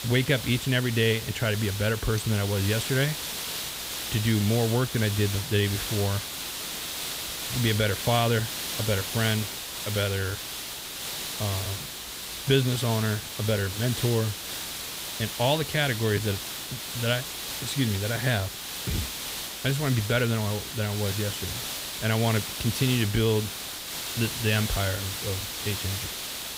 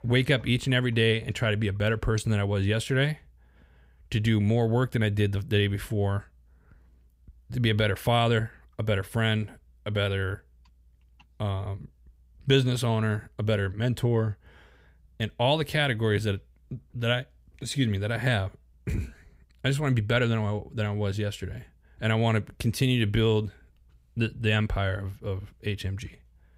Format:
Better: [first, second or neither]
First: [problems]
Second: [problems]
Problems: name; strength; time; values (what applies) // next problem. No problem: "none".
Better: second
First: hiss; loud; throughout; 5 dB below the speech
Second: none